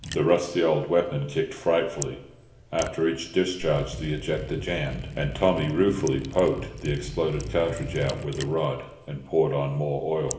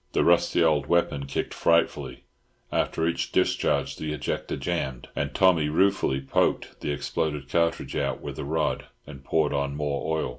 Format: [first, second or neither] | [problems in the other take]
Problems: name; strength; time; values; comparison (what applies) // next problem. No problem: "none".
second | background sound (Liquid); 12 dB below the speech // room echo; dies away in 1 s